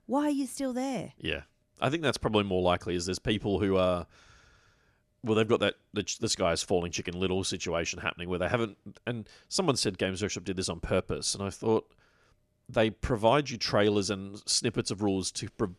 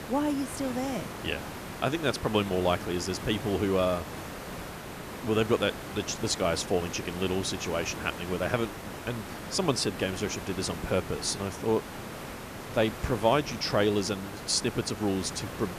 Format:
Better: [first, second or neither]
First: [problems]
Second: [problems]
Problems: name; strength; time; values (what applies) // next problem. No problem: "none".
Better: first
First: none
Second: hiss; loud; throughout; 9 dB below the speech